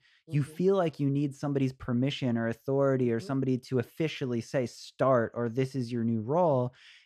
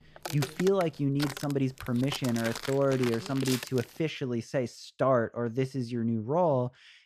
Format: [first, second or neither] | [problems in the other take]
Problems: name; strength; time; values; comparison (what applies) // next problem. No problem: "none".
first | footsteps; noticeable; until 4 s; peak 5 dB below the speech